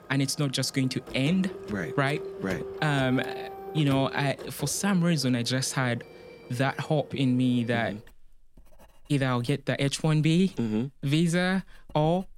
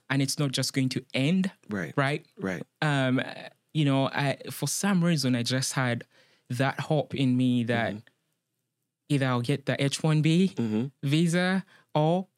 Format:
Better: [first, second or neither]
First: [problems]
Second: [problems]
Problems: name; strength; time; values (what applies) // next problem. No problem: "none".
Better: second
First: household noises; noticeable; throughout; 15 dB below the speech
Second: none